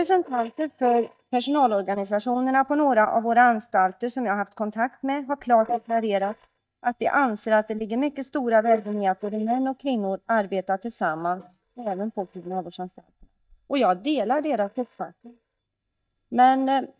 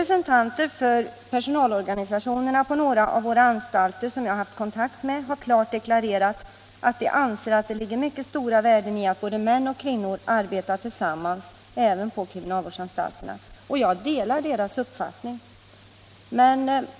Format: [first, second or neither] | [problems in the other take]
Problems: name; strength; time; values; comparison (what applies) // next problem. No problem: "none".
second | noise reduction (neural mask model DeepFilterNet 3)